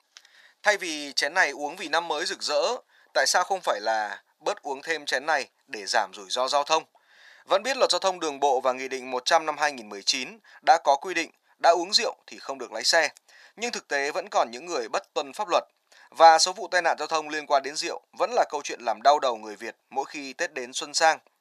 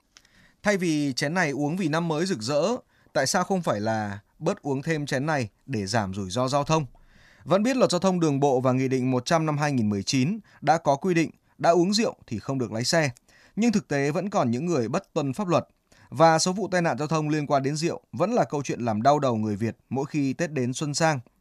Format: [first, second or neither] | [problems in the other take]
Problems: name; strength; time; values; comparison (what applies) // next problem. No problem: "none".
second | thin; very; fading below 500 Hz